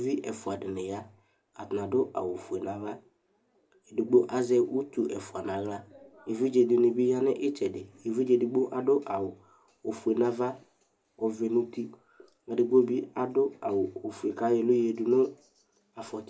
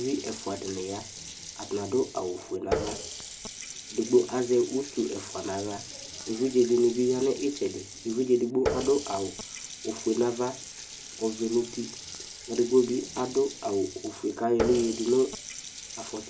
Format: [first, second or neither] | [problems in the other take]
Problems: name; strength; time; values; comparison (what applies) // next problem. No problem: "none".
first | background sound (Water tap, faucet); 10 dB below the speech